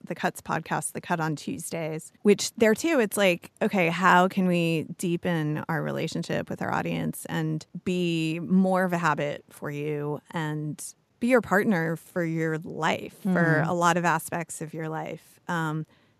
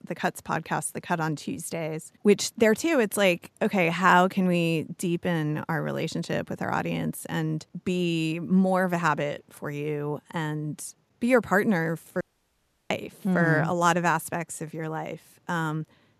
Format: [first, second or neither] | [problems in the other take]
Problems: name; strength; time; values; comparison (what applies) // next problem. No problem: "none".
first | audio cutting out; at 12 s for 0.5 s